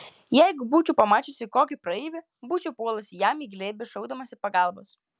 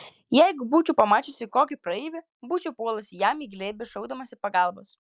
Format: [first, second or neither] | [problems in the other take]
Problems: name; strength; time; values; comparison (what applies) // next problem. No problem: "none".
first | noise reduction (neural mask model Resemble Enhance denoiser)